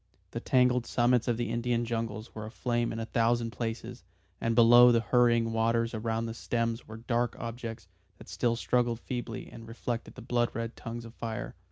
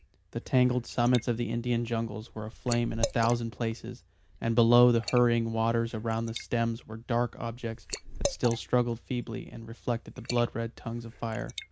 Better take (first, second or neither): first